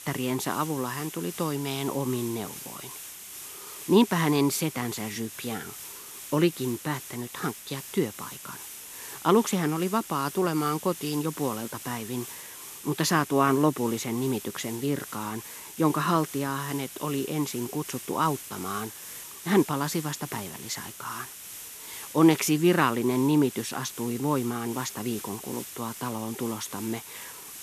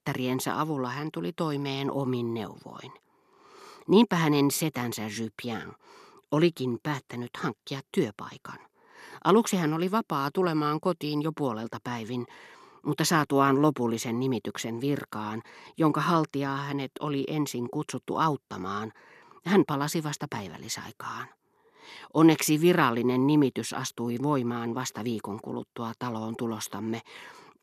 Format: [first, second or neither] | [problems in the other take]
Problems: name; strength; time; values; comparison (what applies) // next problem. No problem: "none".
second | hiss; noticeable; throughout; 10 dB below the speech